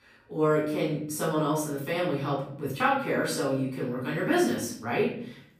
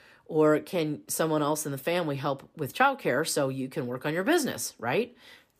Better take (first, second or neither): second